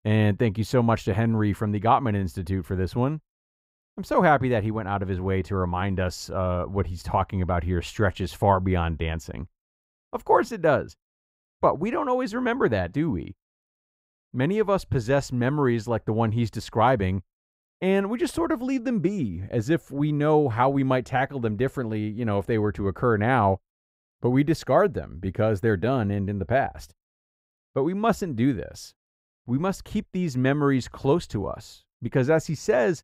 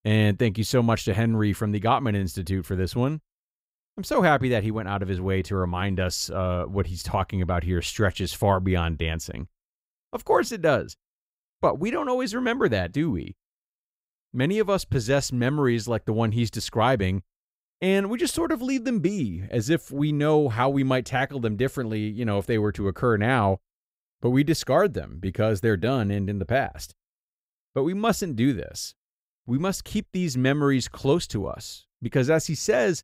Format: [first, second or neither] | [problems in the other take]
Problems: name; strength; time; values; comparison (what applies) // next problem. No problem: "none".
second | muffled; slightly; fading above 2.5 kHz